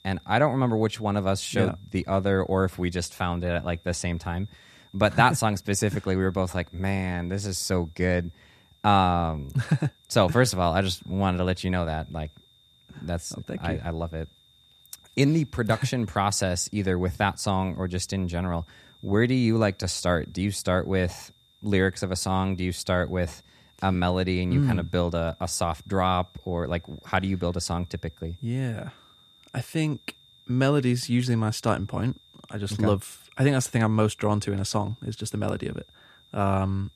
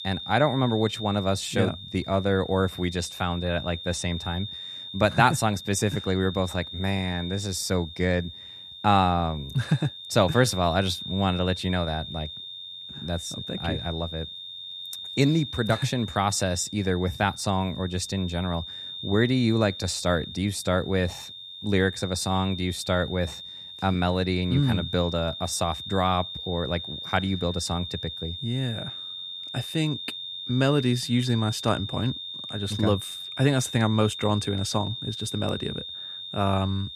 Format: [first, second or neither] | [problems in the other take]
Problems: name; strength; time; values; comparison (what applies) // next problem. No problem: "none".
first | high-pitched whine; loud; throughout; 3.5 kHz, 9 dB below the speech; faint in the first